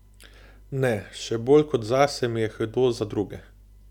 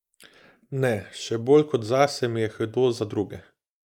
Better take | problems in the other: first | noise reduction (neural mask model Resemble Enhance denoiser)

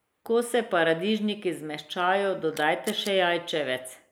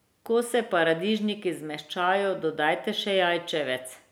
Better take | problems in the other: second | noise reduction (neural mask model Resemble Enhance denoiser)

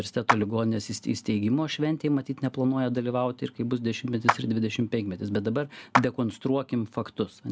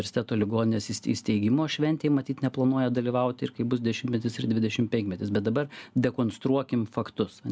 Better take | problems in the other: second | background sound (Clapping); 4 dB below the speech

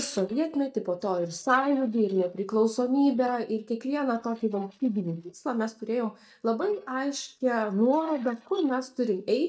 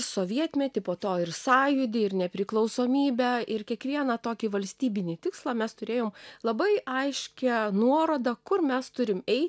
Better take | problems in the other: second | noise reduction (neural mask model DeepFilterNet 3)

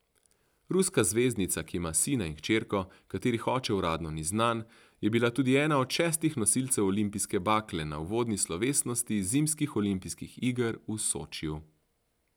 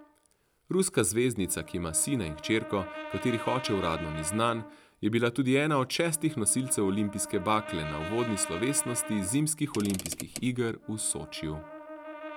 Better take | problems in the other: first | background sound (Brass instrument + Mechanisms / Car); 12 dB below the speech

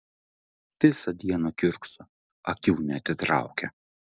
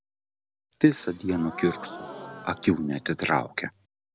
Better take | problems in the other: first | background sound (Gasp); 15 dB below the speech

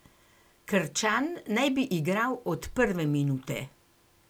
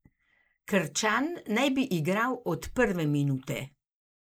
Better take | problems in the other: first | noise reduction (neural mask model Resemble Enhance denoiser)

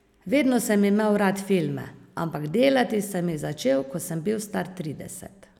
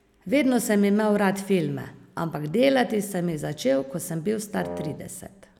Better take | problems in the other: first | background sound (Wind instrument, woodwind instrument); 12 dB below the speech

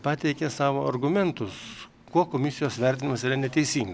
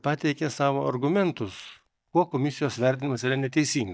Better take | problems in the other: first | noise reduction (neural mask model DeepFilterNet 3)

